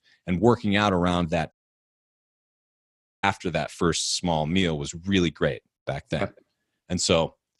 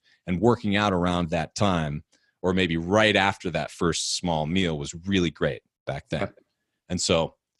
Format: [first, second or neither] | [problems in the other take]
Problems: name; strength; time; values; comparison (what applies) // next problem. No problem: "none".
second | audio cutting out; at 1.5 s for 1.5 s